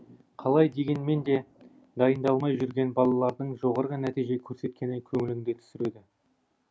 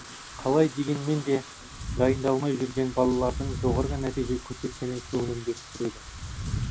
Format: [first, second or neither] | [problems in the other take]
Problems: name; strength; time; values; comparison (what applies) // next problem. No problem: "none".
first | background sound (Wind / Rain); 8 dB below the speech